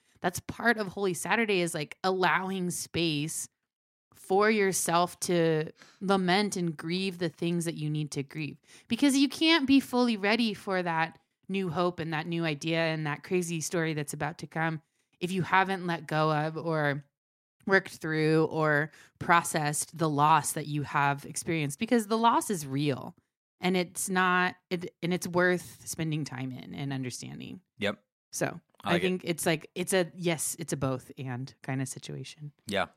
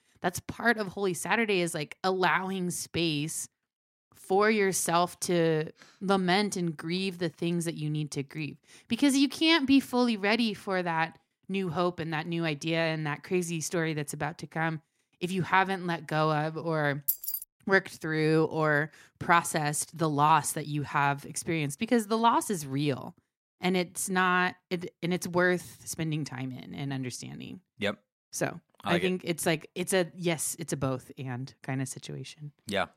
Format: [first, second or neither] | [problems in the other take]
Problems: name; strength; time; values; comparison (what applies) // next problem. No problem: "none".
first | jangling keys; noticeable; at 17 s; peak level with the speech